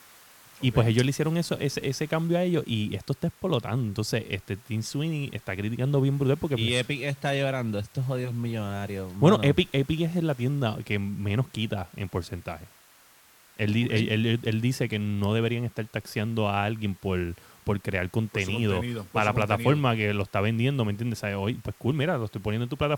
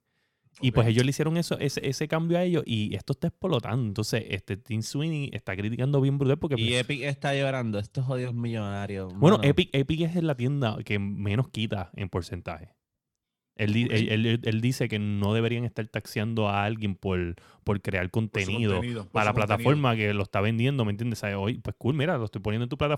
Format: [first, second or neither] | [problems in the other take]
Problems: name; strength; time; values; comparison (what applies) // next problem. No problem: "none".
second | hiss; faint; throughout; 25 dB below the speech